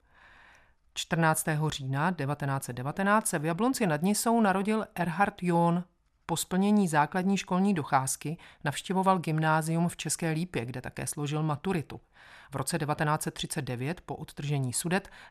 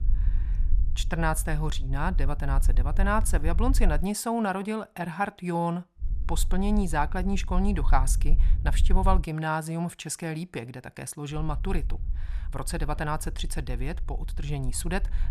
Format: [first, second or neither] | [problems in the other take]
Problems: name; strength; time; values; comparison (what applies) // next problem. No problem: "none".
first | low rumble; faint; until 4 s, from 6 to 9 s and from 11 s on; 20 dB below the speech